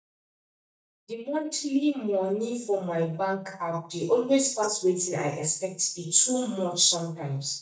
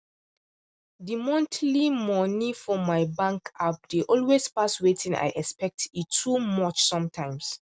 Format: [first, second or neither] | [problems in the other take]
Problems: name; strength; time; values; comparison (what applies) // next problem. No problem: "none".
second | noise reduction (neural mask model DeepFilterNet 3)